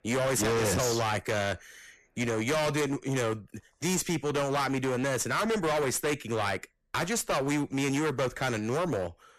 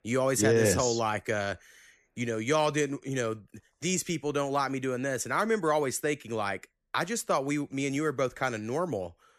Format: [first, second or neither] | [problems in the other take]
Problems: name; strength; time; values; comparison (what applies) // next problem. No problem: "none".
second | distortion; heavy; 27% of the sound clipped